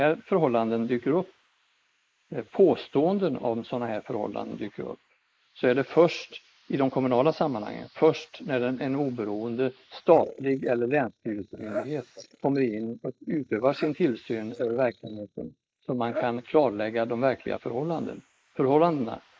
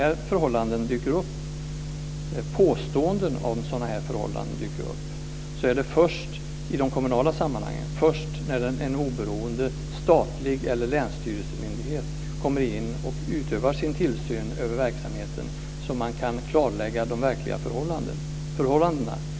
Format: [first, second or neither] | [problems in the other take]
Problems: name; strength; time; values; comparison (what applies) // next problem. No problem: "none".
second | noise reduction (neural mask model Resemble Enhance denoiser)